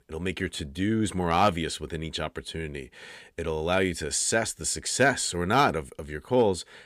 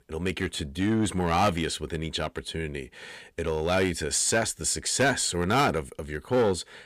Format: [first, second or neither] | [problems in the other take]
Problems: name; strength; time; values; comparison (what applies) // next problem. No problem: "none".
first | distortion; slight; 4% of the sound clipped